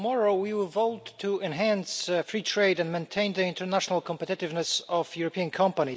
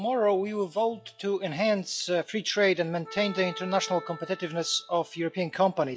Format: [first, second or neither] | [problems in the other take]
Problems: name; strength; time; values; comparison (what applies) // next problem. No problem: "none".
first | noise reduction (classical method log-MMSE)